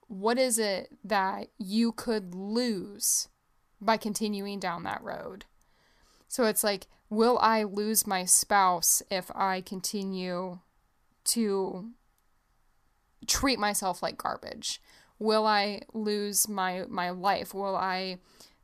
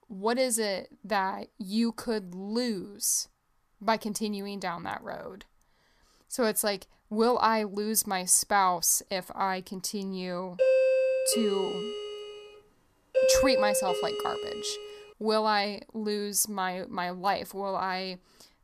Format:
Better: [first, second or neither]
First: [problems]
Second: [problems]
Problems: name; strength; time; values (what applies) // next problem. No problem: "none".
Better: first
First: none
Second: doorbell; loud; from 11 to 15 s; peak 6 dB above the speech